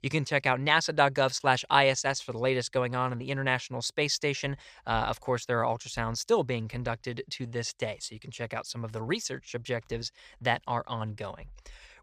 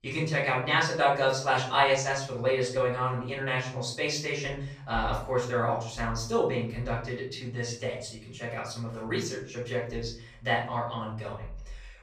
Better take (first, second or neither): first